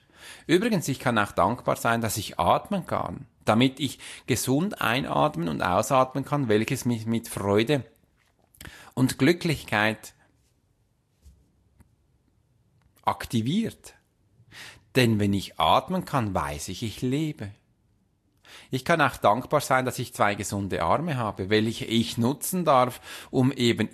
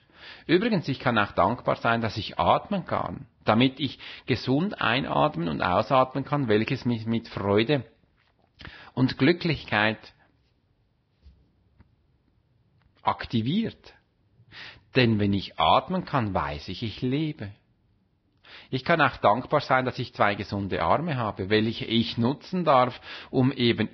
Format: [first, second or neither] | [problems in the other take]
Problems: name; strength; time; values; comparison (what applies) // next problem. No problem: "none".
first | garbled, watery; badly; nothing above 5.5 kHz; slightly in the first